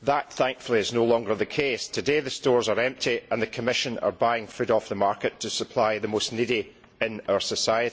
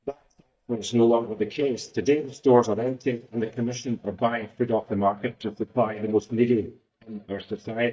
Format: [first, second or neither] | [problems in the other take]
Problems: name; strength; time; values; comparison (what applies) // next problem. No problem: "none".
first | noise reduction (neural mask model DeepFilterNet 3)